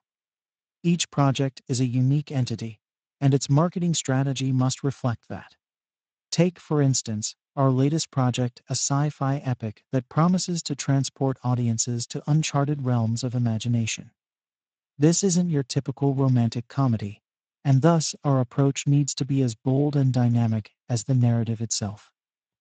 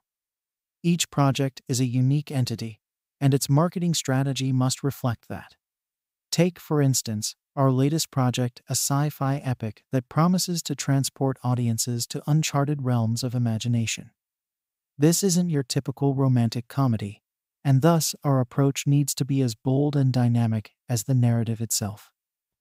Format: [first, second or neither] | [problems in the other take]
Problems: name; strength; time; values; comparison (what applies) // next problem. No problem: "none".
second | garbled, watery; slightly; nothing above 7.5 kHz